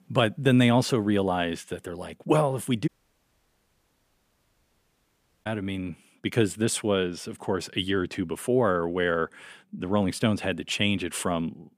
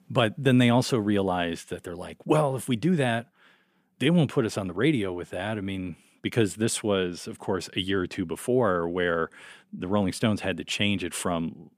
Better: second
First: audio cutting out; at 3 s for 2.5 s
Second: none

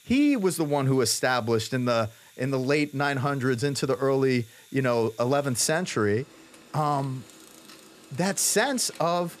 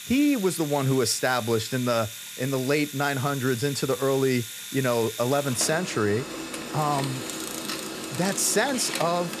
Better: first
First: household noises; faint; throughout; 25 dB below the speech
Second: household noises; loud; throughout; 8 dB below the speech

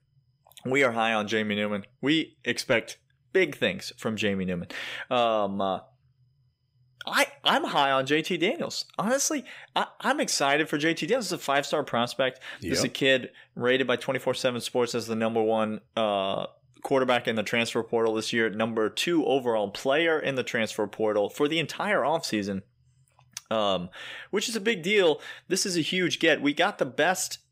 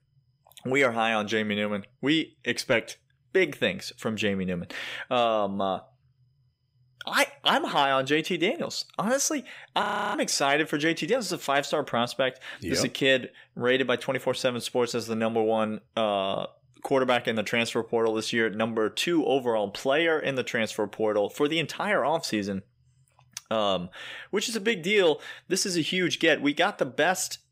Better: first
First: none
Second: audio freezing; at 10 s

